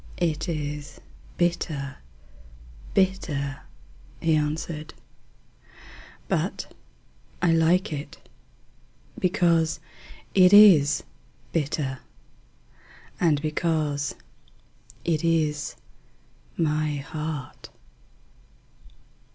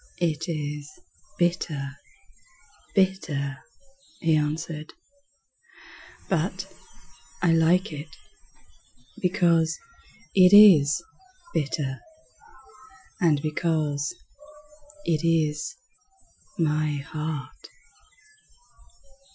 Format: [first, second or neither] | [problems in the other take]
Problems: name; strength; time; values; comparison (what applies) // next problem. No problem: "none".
first | noise reduction (classical method Wiener filter)